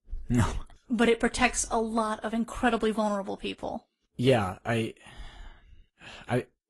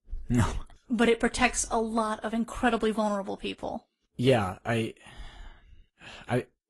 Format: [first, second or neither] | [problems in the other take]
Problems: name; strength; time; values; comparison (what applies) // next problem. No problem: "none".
neither | garbled, watery; slightly; the same in both